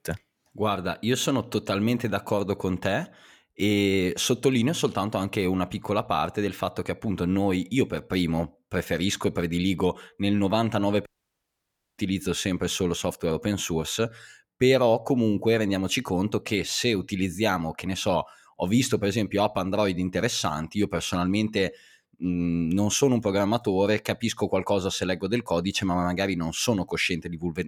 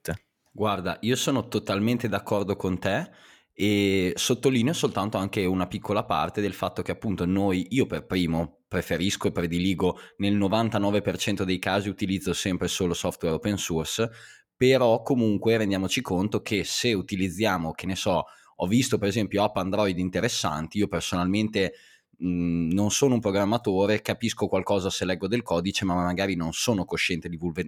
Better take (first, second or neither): second